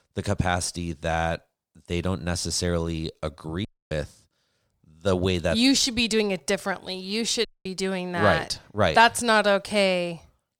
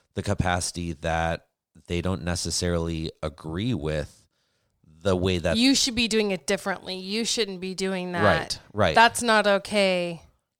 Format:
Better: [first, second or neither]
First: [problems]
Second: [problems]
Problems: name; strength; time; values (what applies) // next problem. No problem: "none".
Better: second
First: audio cutting out; at 3.5 s and at 7.5 s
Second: none